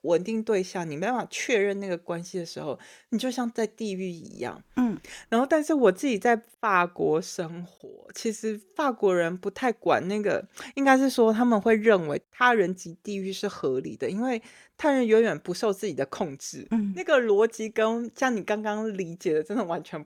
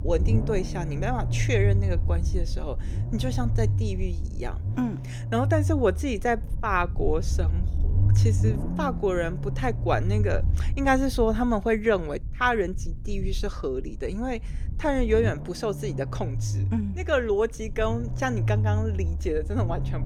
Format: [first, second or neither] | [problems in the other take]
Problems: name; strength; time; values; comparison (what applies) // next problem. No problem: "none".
first | low rumble; noticeable; throughout; 15 dB below the speech